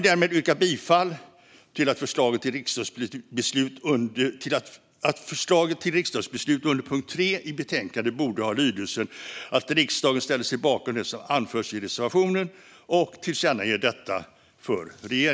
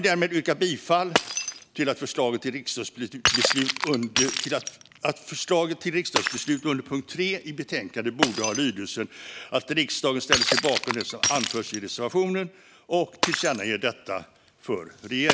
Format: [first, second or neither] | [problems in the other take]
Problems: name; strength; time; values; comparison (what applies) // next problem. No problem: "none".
first | background sound (Shatter); 3 dB below the speech